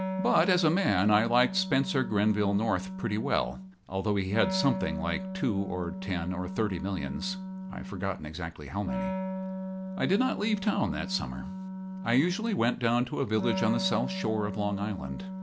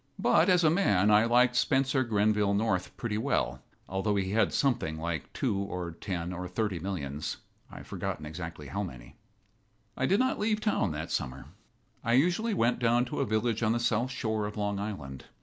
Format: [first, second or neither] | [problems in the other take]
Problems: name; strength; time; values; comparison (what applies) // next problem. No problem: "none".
second | background sound (Wind instrument, woodwind instrument); 7 dB below the speech